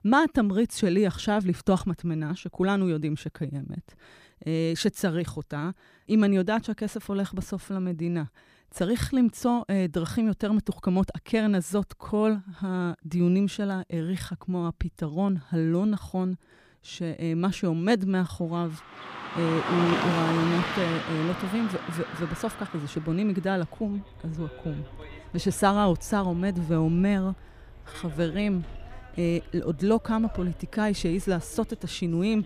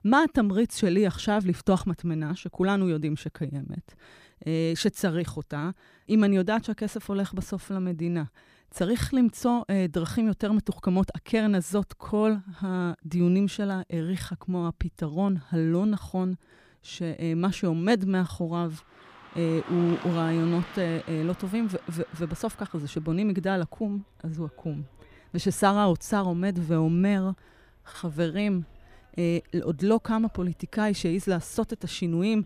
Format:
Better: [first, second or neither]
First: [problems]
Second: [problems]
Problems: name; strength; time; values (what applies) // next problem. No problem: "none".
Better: second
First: traffic noise; loud; from 19 s on; 8 dB below the speech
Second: traffic noise; faint; from 19 s on; 20 dB below the speech